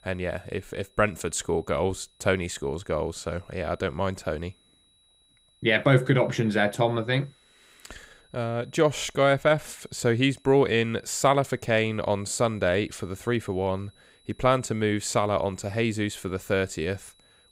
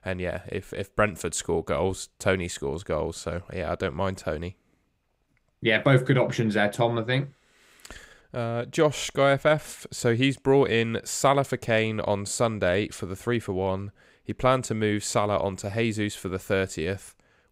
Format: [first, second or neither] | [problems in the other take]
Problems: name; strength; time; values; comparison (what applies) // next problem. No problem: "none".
second | high-pitched whine; faint; throughout; 4 kHz, 35 dB below the speech